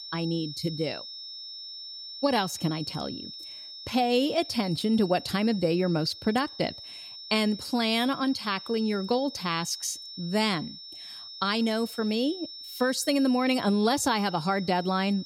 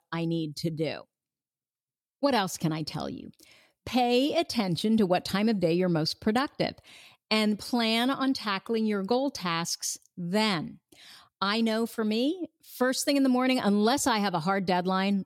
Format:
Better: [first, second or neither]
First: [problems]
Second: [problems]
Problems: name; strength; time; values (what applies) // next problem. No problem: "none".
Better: second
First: high-pitched whine; noticeable; throughout; 5.5 kHz, 10 dB below the speech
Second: none